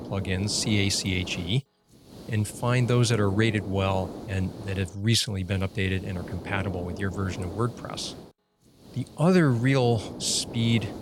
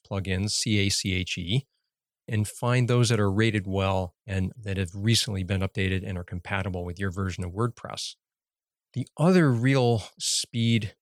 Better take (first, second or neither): second